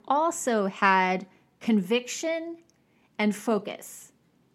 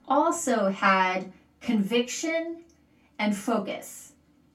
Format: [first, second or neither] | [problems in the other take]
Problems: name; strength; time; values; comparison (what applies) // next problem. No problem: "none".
first | off-mic speech; far // room echo; very slight; dies away in 0.2 s